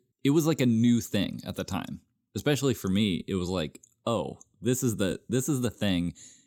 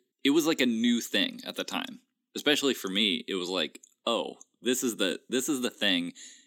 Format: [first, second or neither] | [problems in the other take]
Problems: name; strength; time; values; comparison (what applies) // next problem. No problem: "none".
first | thin; very slightly; fading below 250 Hz